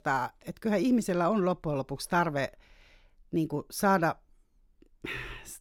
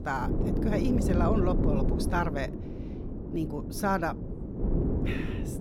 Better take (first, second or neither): first